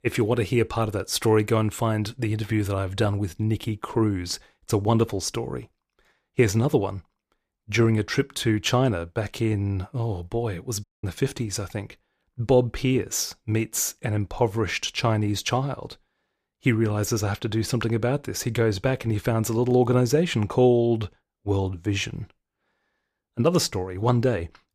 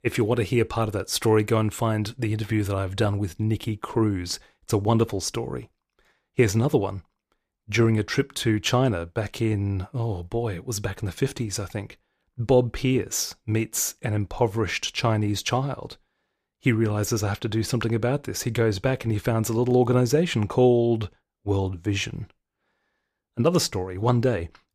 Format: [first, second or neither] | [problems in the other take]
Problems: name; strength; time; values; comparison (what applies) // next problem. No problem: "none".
second | audio cutting out; at 11 s